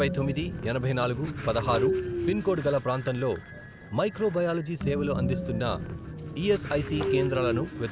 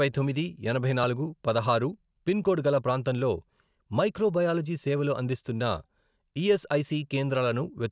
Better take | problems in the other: second | background sound (Train); 4 dB below the speech

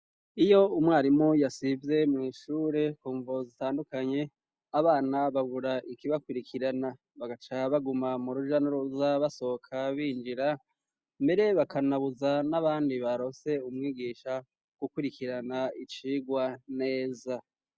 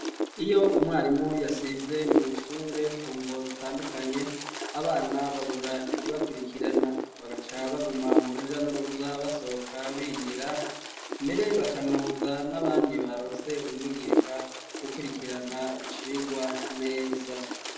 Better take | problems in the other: first | background sound (Wind); 2 dB below the speech // room echo; dies away in 0.7 s

